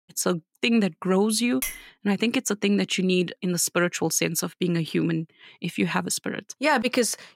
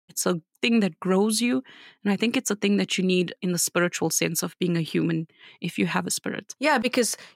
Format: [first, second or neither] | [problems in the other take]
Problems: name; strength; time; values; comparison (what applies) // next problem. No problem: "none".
second | clattering dishes; noticeable; at 1.5 s; peak 7 dB below the speech